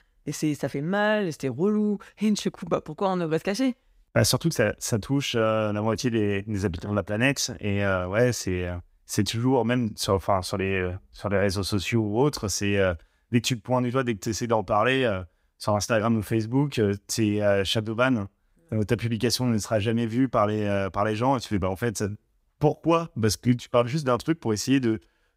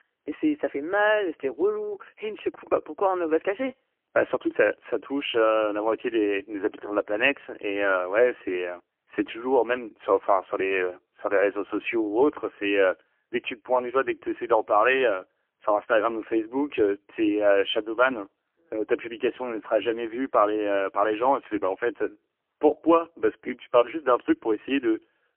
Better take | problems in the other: first | phone-call audio; poor line; nothing above 3 kHz

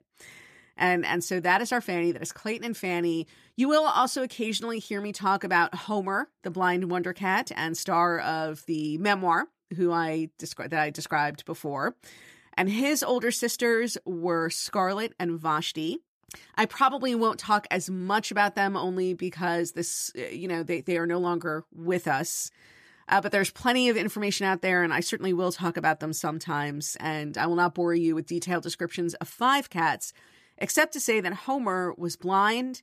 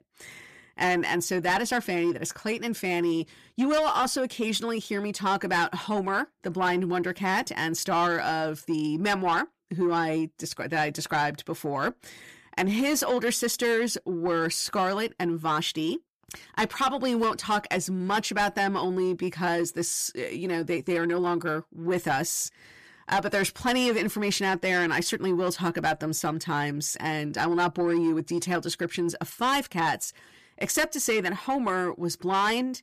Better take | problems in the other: first | distortion; slight; 10 dB below the speech

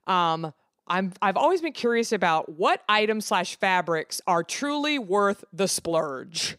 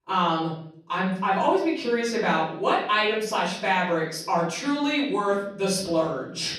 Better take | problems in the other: first | off-mic speech; far // room echo; noticeable; dies away in 0.7 s

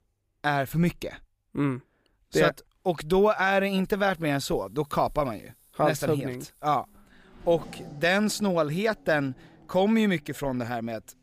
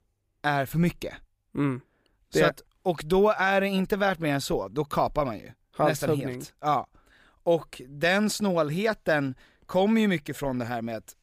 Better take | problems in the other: second | traffic noise; faint; from 3.5 s on; 25 dB below the speech

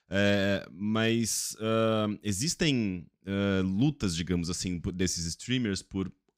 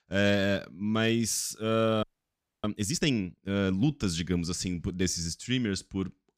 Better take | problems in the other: first | audio freezing; at 2 s for 0.5 s

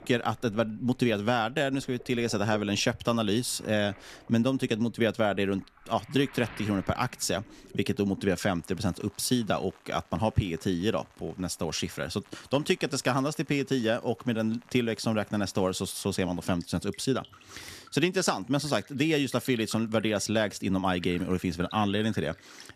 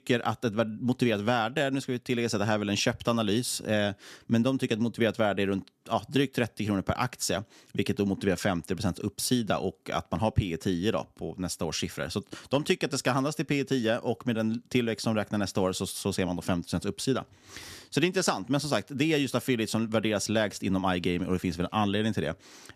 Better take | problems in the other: second | rain or running water; faint; throughout; 25 dB below the speech

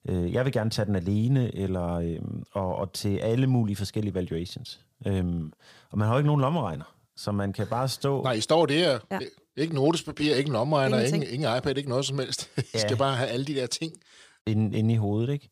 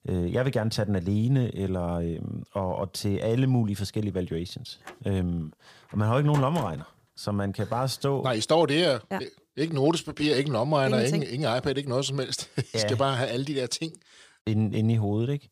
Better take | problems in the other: first | door banging; faint; from 5 to 6.5 s; peak 10 dB below the speech

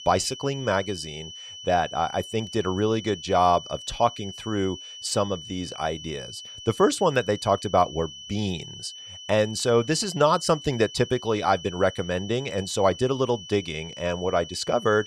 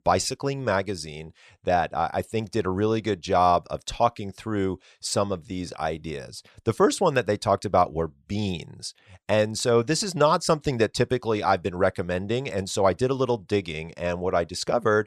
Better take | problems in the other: second | high-pitched whine; noticeable; throughout; 3 kHz, 15 dB below the speech

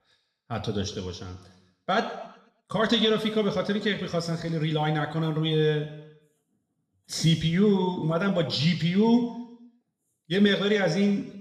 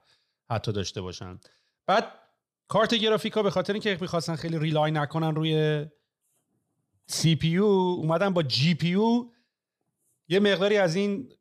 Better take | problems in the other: second | room echo; slight; dies away in 0.9 s // off-mic speech; somewhat distant

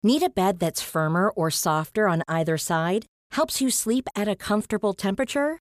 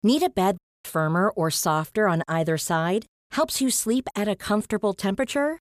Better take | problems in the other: first | audio cutting out; at 0.5 s

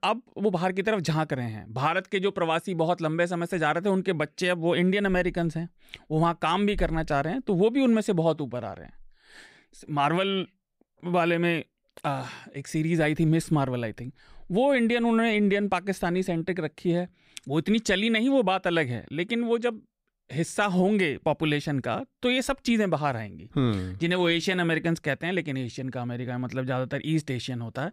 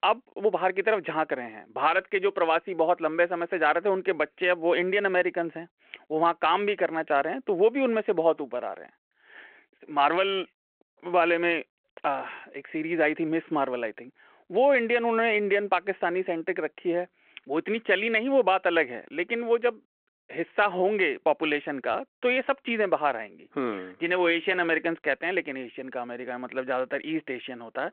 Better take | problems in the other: first | phone-call audio

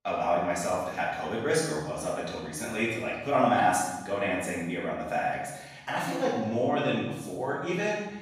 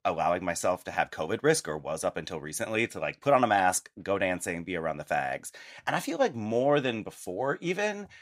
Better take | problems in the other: second | room echo; noticeable; dies away in 1 s // off-mic speech; far

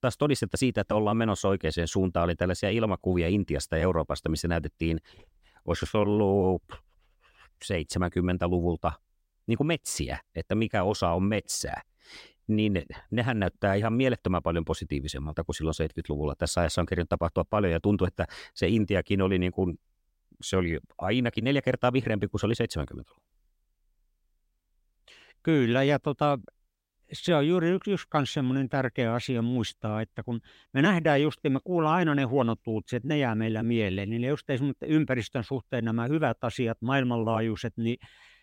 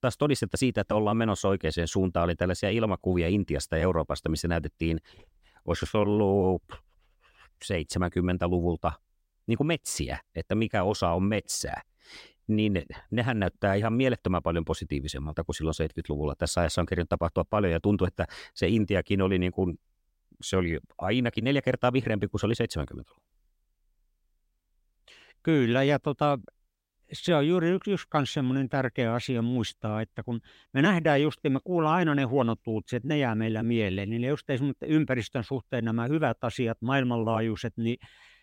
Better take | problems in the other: neither | none

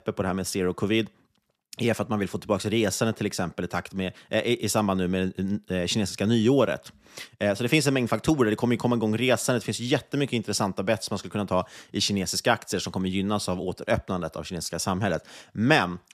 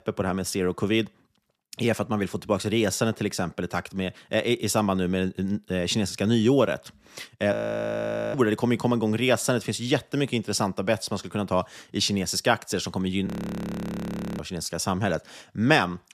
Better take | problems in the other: first | audio freezing; at 7.5 s for 1 s and at 13 s for 1 s

